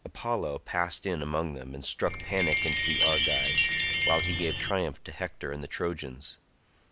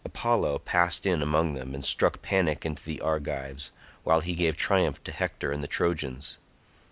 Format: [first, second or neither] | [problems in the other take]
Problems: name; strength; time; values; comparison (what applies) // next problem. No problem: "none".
second | background sound (Chime); 3 dB above the speech